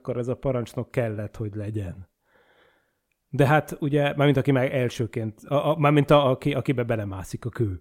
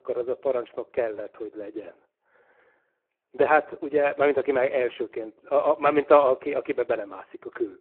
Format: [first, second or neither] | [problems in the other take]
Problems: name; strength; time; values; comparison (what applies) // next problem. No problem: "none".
first | phone-call audio; poor line; nothing above 3.5 kHz